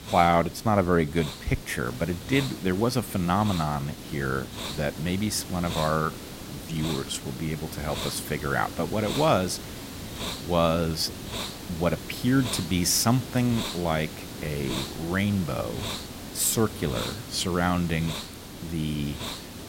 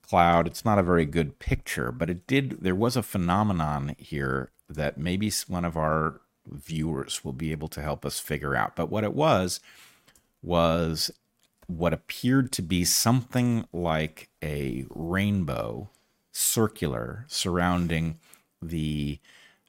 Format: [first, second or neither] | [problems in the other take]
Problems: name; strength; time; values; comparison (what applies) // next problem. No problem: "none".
second | hiss; loud; throughout; 9 dB below the speech